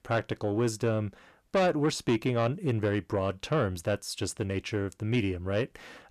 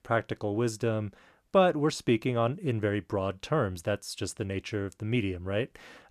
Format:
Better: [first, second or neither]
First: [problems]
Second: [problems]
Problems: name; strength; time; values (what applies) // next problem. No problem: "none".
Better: second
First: distortion; slight; 10 dB below the speech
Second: none